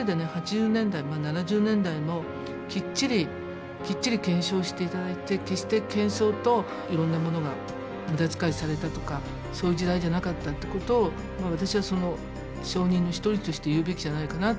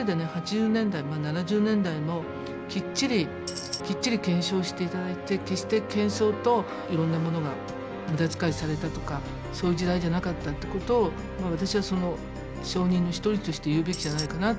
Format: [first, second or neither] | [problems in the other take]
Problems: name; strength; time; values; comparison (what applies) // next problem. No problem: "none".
first | background sound (Tambourine); 8 dB below the speech